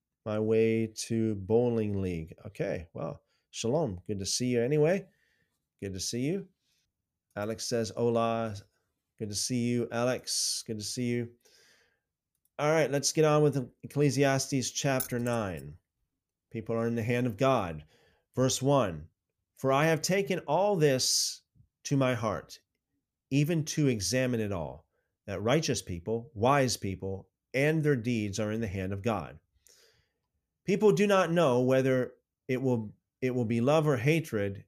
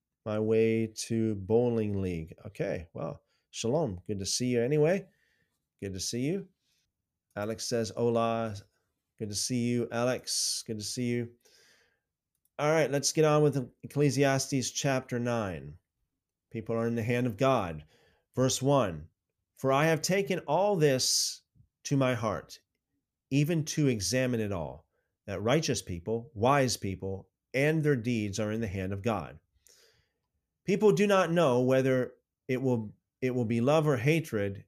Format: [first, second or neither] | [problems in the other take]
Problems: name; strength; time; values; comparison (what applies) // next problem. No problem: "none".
second | jangling keys; noticeable; at 15 s; peak 8 dB below the speech